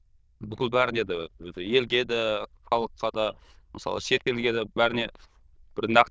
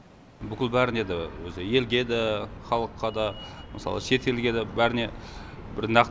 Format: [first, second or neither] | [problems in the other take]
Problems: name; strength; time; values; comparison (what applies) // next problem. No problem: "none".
second | noise reduction (neural diffusion model UNIVERSE++)